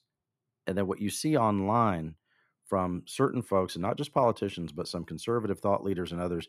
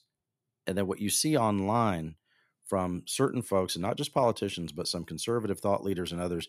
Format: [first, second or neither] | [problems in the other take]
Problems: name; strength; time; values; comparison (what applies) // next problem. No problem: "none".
second | muffled; slightly; fading above 3 kHz